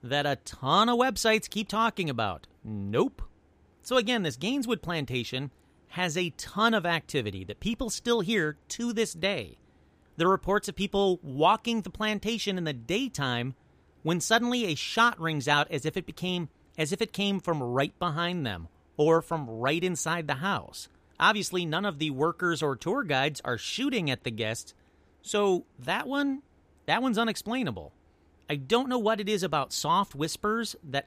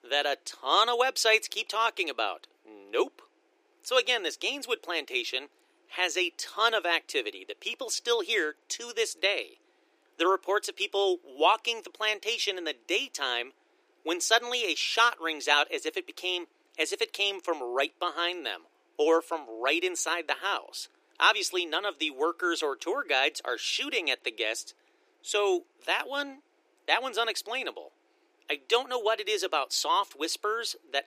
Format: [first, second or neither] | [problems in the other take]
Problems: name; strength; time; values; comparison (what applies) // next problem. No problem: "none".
first | thin; very; fading below 350 Hz